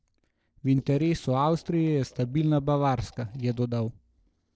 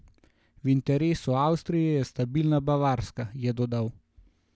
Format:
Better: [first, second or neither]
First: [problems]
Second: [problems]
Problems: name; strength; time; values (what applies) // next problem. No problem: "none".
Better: second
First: noise reduction (neural separator model SepFormer DNS4)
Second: none